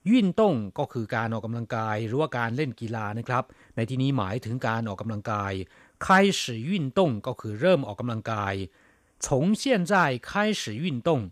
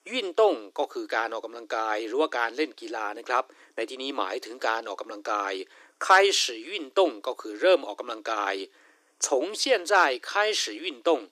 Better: first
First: none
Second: thin; very; fading below 300 Hz

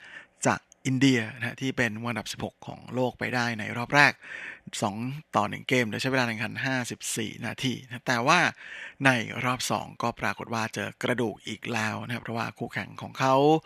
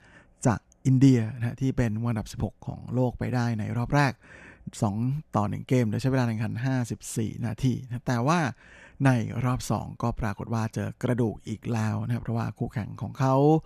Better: second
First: thin; somewhat; fading below 500 Hz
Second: none

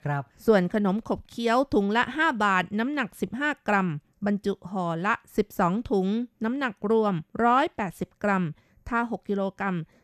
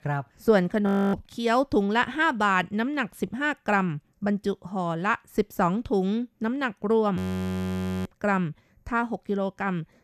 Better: first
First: none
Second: audio freezing; at 1 s and at 7 s for 1 s

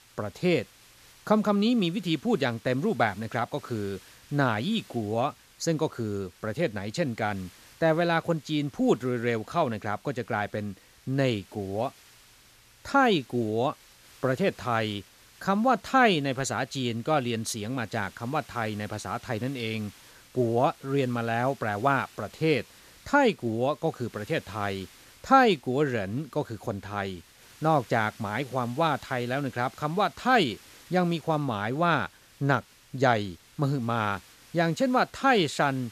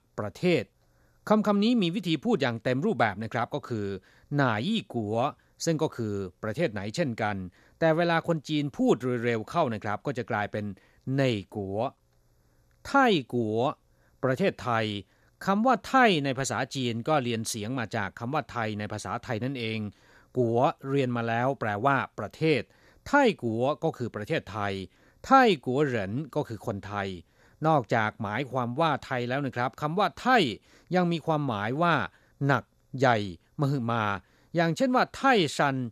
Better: second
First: hiss; faint; throughout; 25 dB below the speech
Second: none

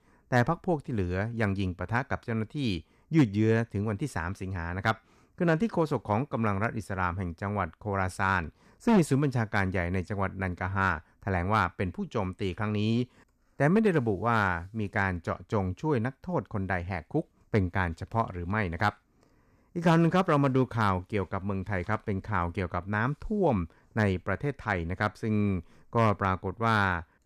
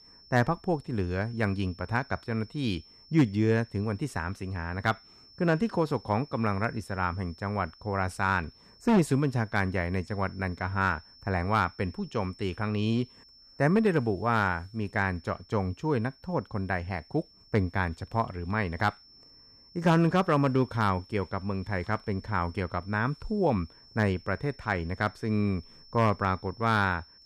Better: first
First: none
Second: high-pitched whine; faint; throughout; 5.5 kHz, 25 dB below the speech

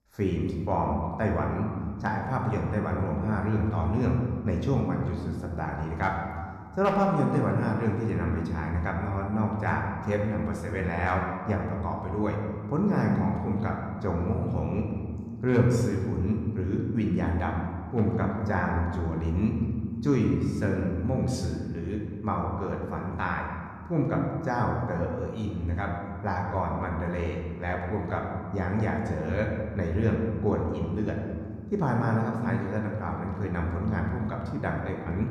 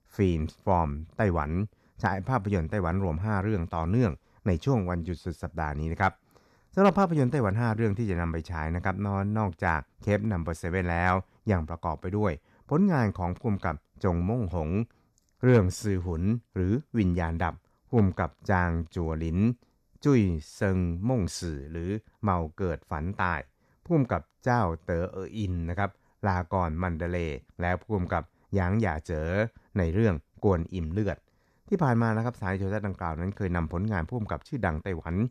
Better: second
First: room echo; noticeable; dies away in 1.7 s // off-mic speech; somewhat distant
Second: none

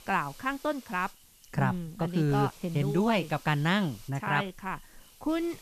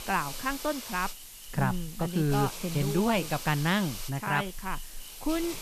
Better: first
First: hiss; faint; throughout; 20 dB below the speech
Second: hiss; loud; throughout; 10 dB below the speech

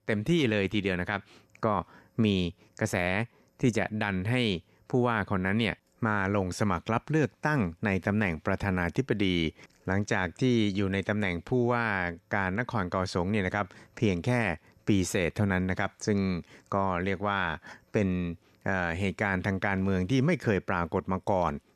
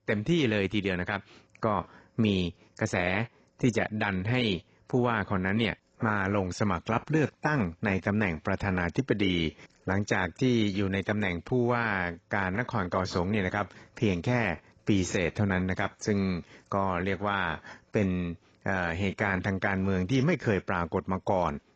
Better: first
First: none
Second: garbled, watery; badly; nothing above 7.5 kHz

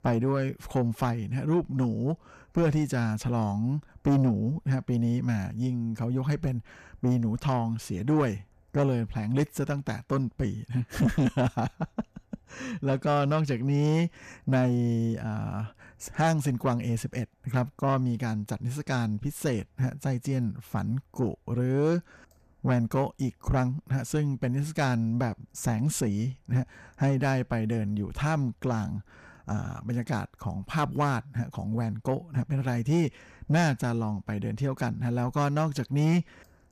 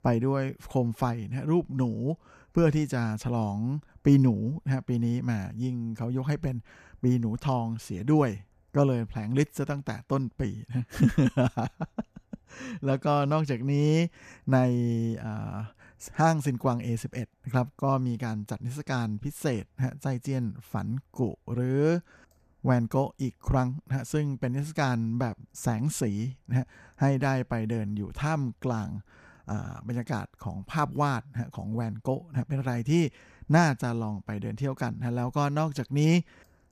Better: second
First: distortion; slight; 10 dB below the speech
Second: none

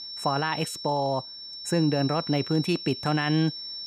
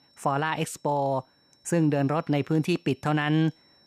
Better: second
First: high-pitched whine; loud; throughout; 5.5 kHz, 8 dB below the speech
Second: high-pitched whine; faint; throughout; 5.5 kHz, 35 dB below the speech

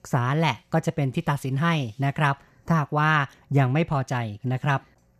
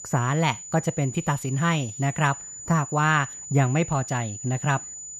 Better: first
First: none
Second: high-pitched whine; noticeable; throughout; 7 kHz, 10 dB below the speech

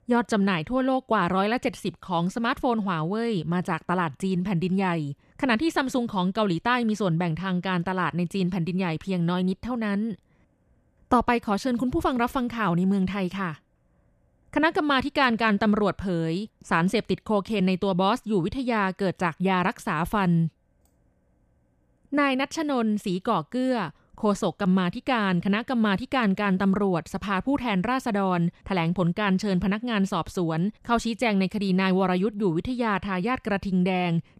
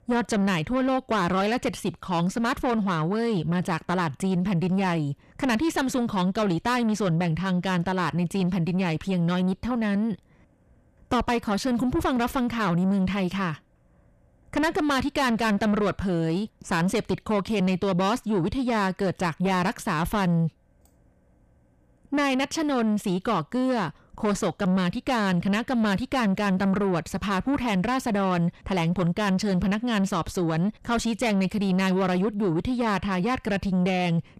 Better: first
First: none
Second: distortion; slight; 10 dB below the speech

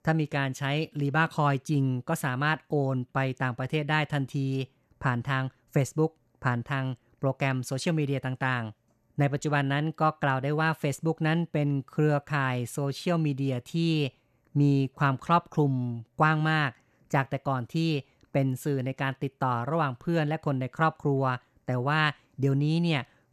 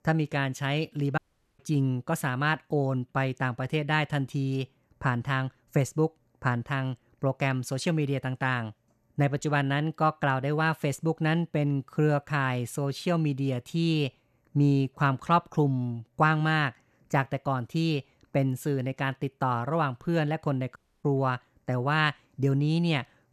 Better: first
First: none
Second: audio cutting out; at 1 s and at 21 s

